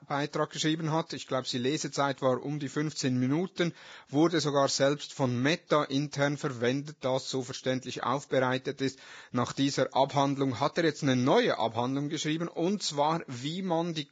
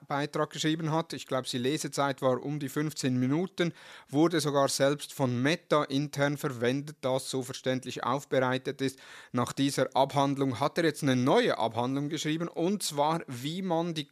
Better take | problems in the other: second | garbled, watery; badly; nothing above 7.5 kHz

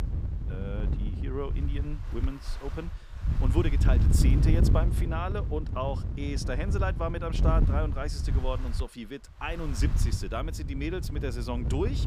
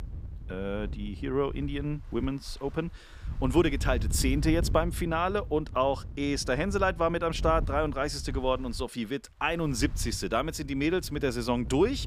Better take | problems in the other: second | wind noise on the microphone; heavy; 7 dB below the speech; occasional gusts in the second

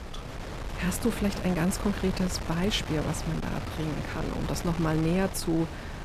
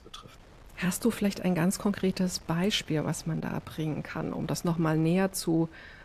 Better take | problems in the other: second | wind noise on the microphone; heavy; 6 dB below the speech; occasional gusts in the second

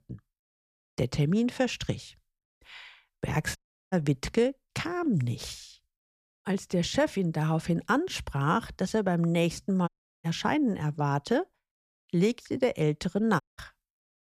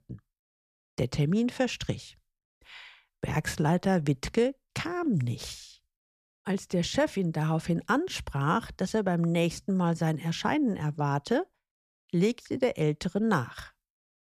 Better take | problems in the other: second | audio cutting out; at 3.5 s, at 10 s and at 13 s

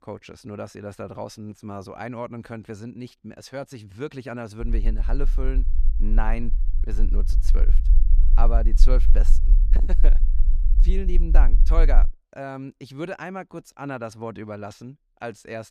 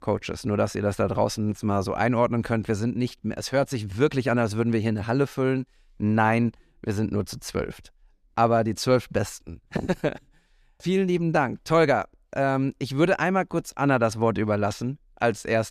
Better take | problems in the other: second | low rumble; noticeable; from 4.5 to 12 s; 15 dB below the speech

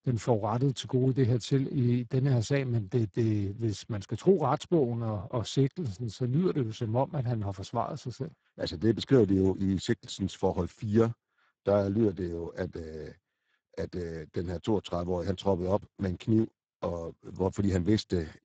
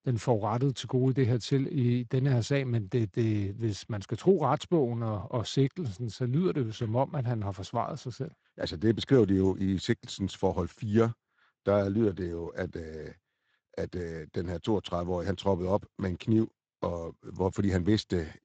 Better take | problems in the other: second | garbled, watery; badly; nothing above 7.5 kHz; slightly in the second

